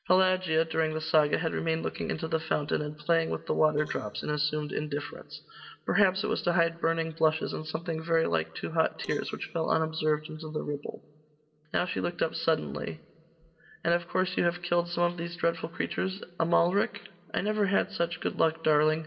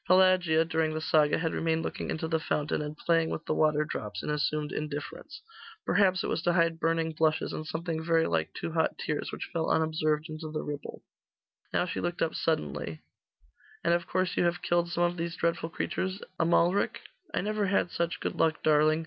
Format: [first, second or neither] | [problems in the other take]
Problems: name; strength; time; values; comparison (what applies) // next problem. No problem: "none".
second | noise reduction (neural separator model SepFormer DNS4)